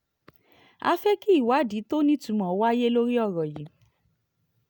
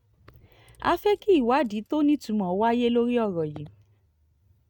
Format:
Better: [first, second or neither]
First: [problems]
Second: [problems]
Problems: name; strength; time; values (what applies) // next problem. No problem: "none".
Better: first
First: none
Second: noise reduction (neural mask model RNNoise)